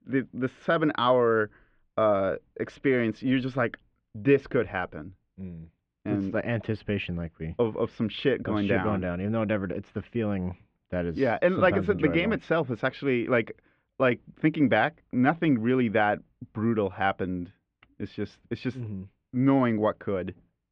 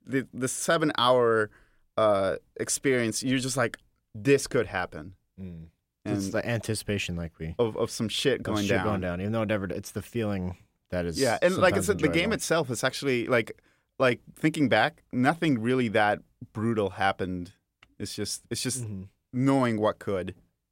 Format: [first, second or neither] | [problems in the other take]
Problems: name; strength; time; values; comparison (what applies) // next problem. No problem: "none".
second | muffled; very; fading above 3 kHz